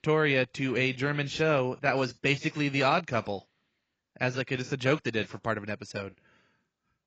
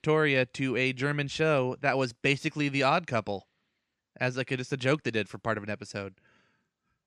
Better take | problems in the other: second | garbled, watery; badly; nothing above 7.5 kHz

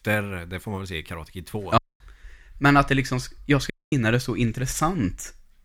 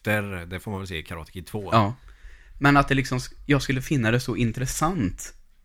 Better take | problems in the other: second | audio cutting out; at 2 s and at 3.5 s

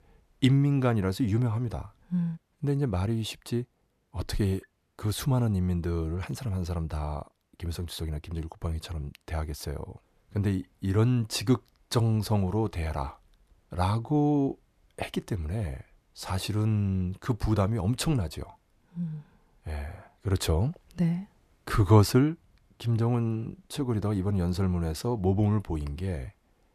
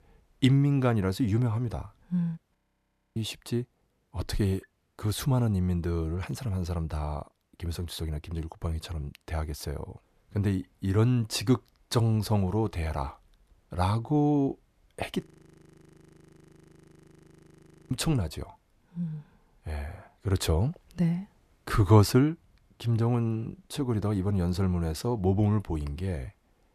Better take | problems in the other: first | audio freezing; at 2.5 s for 0.5 s and at 15 s for 2.5 s

